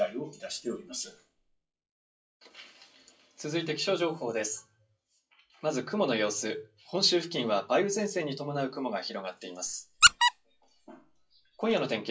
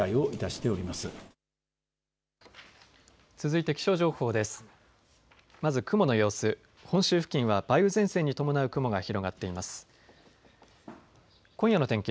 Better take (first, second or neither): second